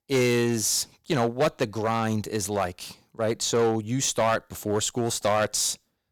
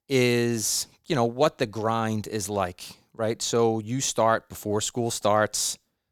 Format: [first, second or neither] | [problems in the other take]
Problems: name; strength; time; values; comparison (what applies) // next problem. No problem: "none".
second | distortion; slight; 5% of the sound clipped